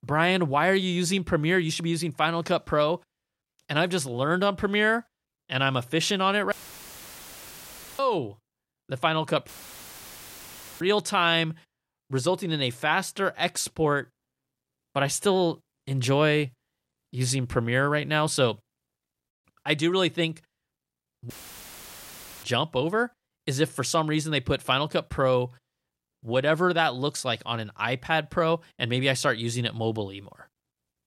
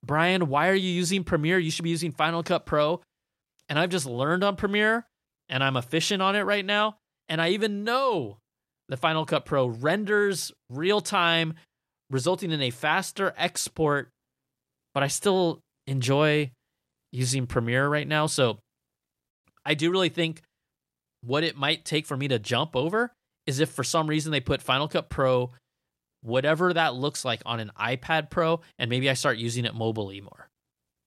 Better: second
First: audio cutting out; filled with static; at 6.5 s for 1.5 s, at 9.5 s for 1.5 s and at 21 s for 1 s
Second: none

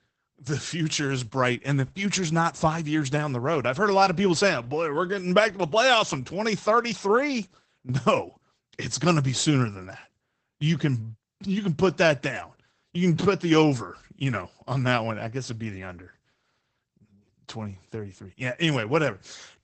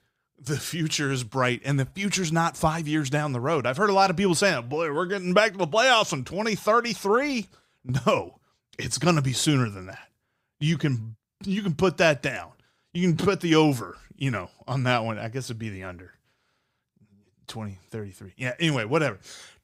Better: second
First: garbled, watery; badly; nothing above 8 kHz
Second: none

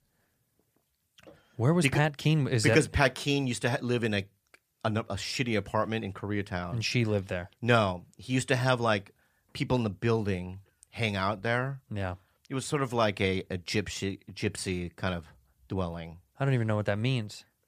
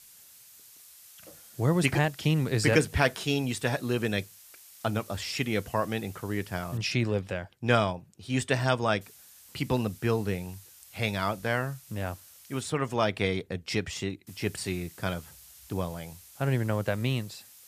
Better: first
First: none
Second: hiss; faint; until 7 s, from 9 to 13 s and from 14 s on; 20 dB below the speech

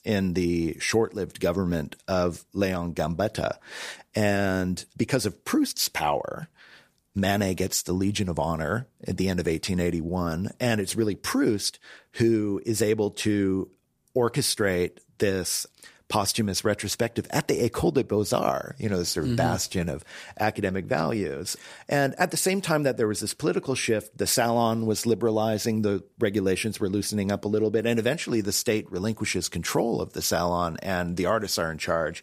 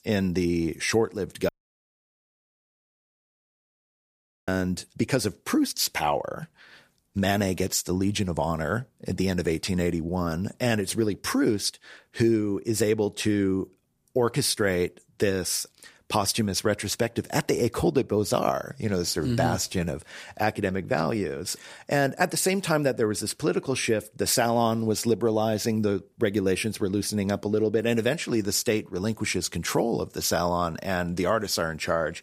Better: first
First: none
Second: audio cutting out; at 1.5 s for 3 s

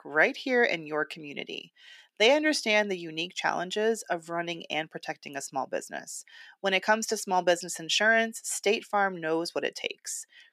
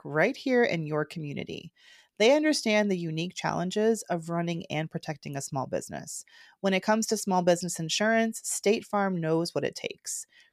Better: second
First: thin; somewhat; fading below 250 Hz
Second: none

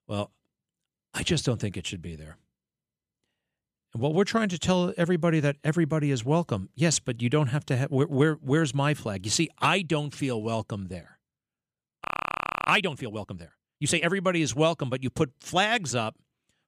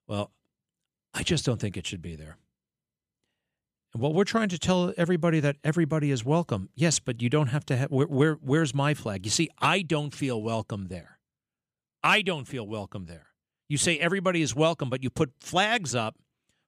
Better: second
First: audio freezing; at 12 s for 0.5 s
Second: none

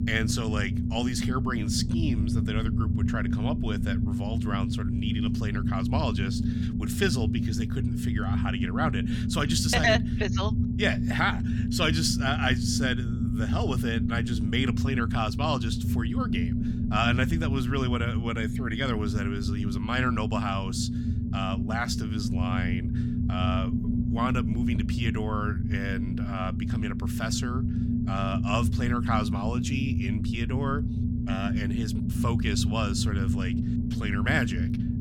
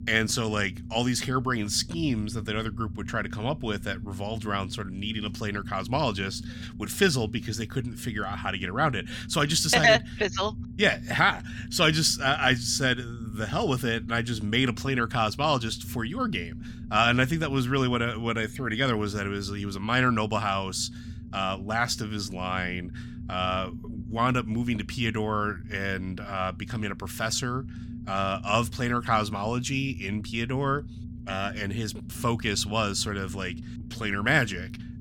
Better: second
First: low rumble; loud; throughout; 6 dB below the speech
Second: low rumble; faint; throughout; 20 dB below the speech

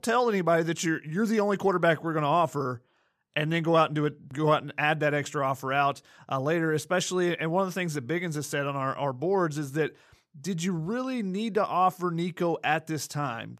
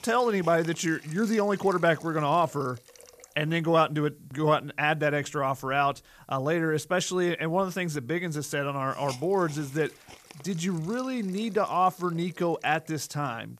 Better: first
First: none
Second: hiss; faint; throughout; 20 dB below the speech

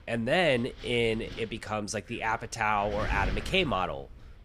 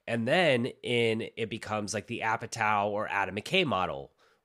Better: second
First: wind noise on the microphone; occasional gusts; 15 dB below the speech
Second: none

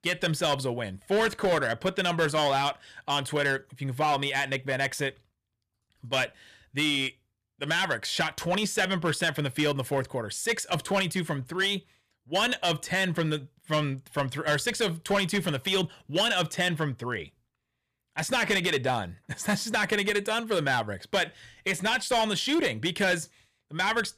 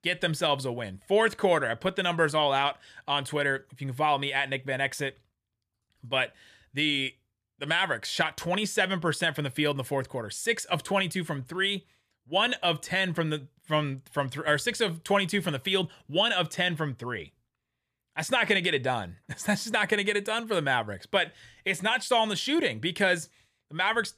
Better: second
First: distortion; slight; 6% of the sound clipped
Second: none

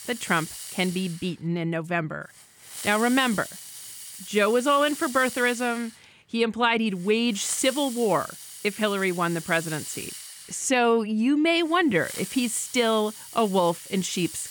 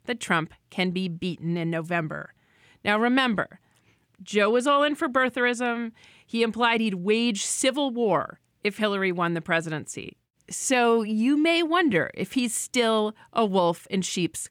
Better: second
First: hiss; noticeable; throughout; 10 dB below the speech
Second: none

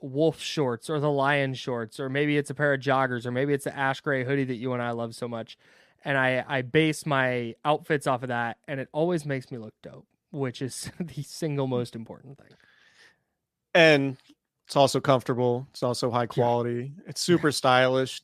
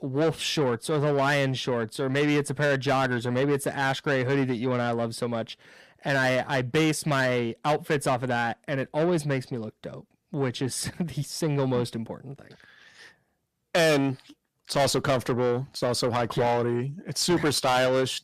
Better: first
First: none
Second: distortion; heavy; 7 dB below the speech

